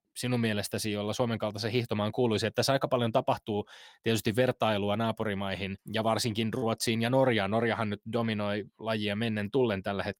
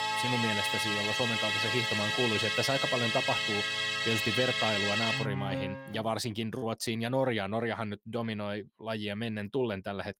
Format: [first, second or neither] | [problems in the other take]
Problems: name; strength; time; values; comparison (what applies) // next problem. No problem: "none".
first | background music; very loud; until 6 s; 4 dB above the speech